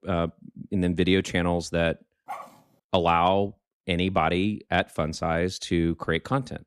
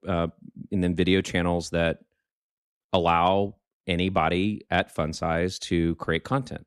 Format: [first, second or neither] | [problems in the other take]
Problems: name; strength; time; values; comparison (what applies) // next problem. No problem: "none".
second | dog barking; faint; at 2.5 s; peak 15 dB below the speech